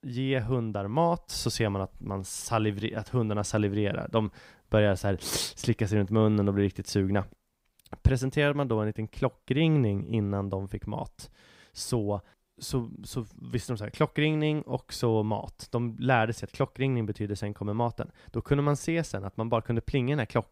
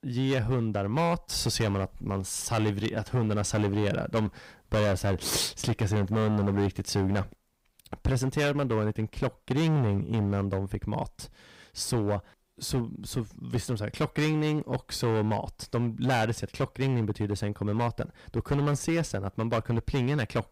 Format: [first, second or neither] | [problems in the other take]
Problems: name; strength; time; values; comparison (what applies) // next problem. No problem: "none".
first | distortion; heavy; 11% of the sound clipped